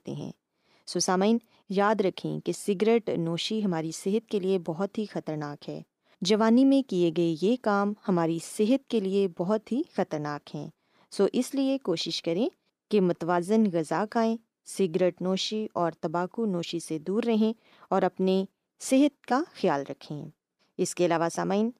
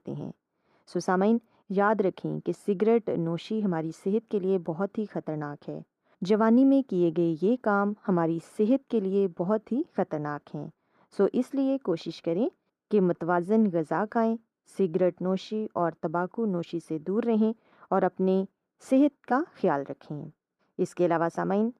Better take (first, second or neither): first